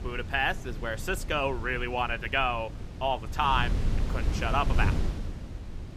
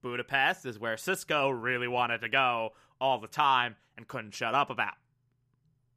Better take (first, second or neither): second